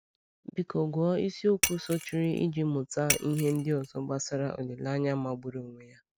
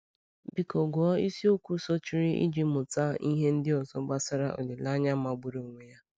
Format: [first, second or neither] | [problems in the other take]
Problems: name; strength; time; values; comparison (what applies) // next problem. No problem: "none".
second | background sound (Shatter); 5 dB below the speech